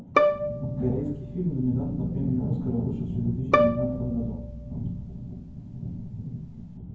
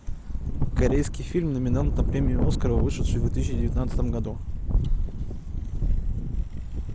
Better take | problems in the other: second | background sound (Bowed string instrument); 1 dB below the speech // room echo; dies away in 0.9 s

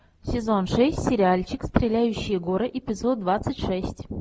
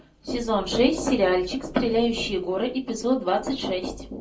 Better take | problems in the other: first | room echo; dies away in 0.2 s

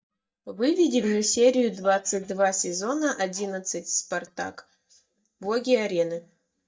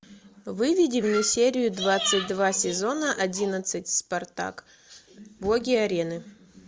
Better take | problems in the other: second | noise reduction (neural mask model DeepFilterNet 3)

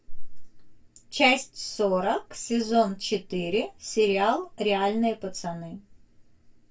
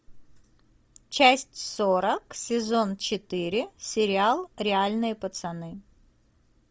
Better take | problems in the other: second | room echo; dies away in 0.2 s

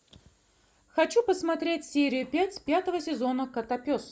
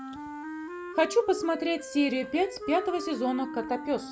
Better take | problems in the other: first | background sound (Wind instrument, woodwind instrument); 10 dB below the speech

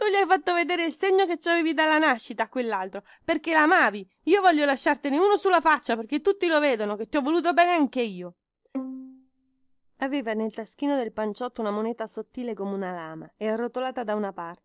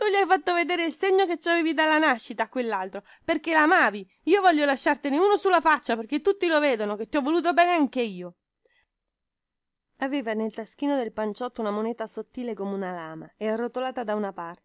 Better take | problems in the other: second | noise reduction (neural separator model SepFormer DNS4)

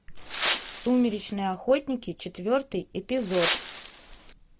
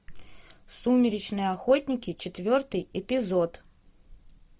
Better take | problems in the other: second | background sound (Wind); 4 dB below the speech

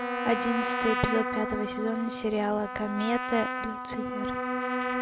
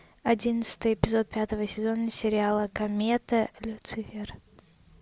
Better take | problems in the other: second | background sound (Wind instrument, woodwind instrument + Trumpet); 1 dB below the speech

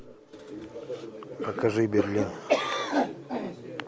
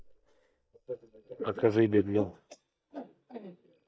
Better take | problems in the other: first | noise reduction (neural mask model DeepFilterNet 3)

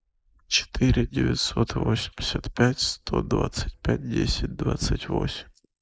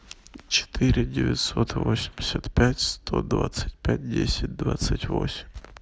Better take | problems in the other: second | noise reduction (neural mask model Resemble Enhance denoiser)

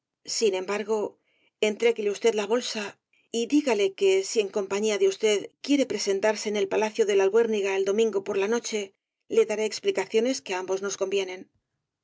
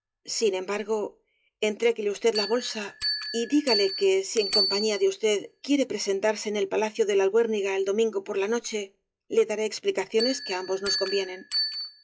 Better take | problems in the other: first | noise reduction (classical method log-MMSE)

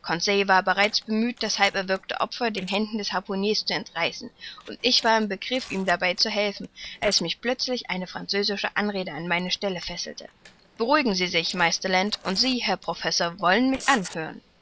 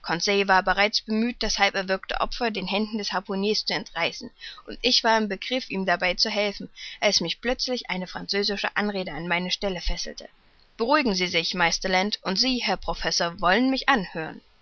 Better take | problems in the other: second | noise reduction (neural separator model SepFormer DNS4)

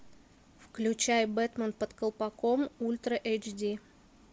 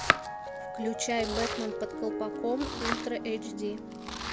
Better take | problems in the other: first | background sound (Domestic sounds, home sounds + Piano); 1 dB above the speech

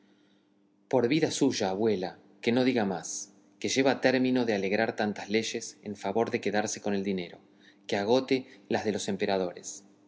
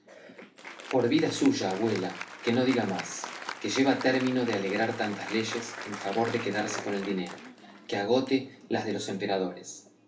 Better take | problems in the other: first | background sound (Applause); 12 dB below the speech // room echo; dies away in 0.3 s

